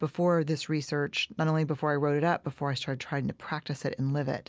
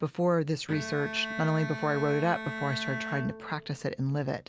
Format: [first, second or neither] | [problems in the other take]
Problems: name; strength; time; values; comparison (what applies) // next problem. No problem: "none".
first | background sound (Bowed string instrument); 8 dB below the speech